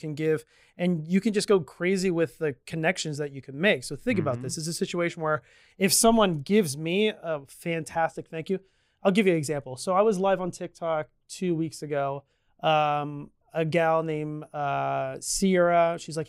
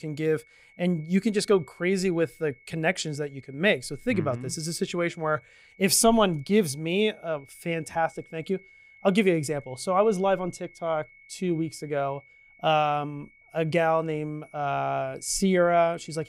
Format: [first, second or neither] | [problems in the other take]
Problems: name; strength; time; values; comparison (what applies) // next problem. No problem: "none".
first | high-pitched whine; faint; throughout; 2 kHz, 25 dB below the speech